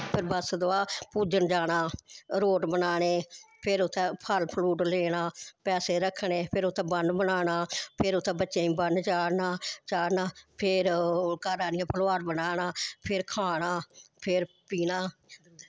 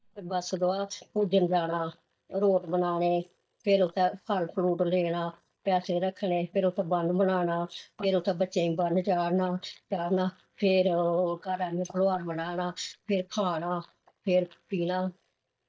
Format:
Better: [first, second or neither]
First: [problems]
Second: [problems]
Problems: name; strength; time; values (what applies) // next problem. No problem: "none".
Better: first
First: none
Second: noise reduction (neural mask model DeepFilterNet 3)